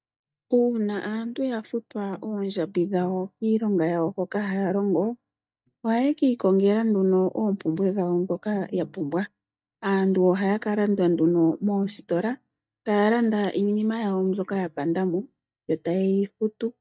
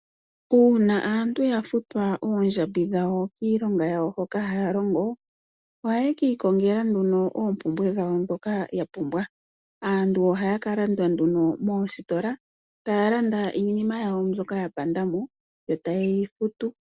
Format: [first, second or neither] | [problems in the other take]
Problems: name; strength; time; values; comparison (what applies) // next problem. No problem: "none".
second | noise reduction (neural mask model DeepFilterNet 3)